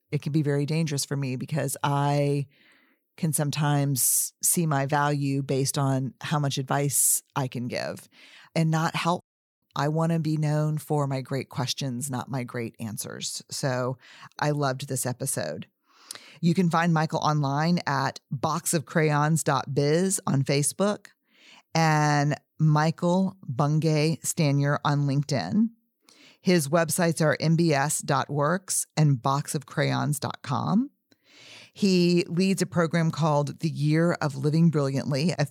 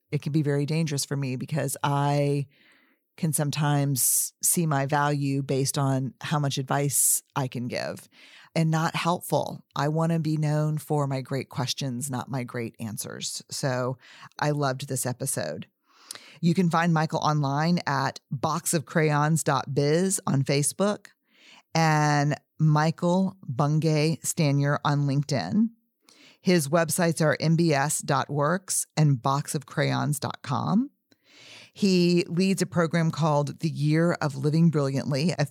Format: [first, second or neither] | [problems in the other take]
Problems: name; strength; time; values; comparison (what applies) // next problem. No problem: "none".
second | audio cutting out; at 9 s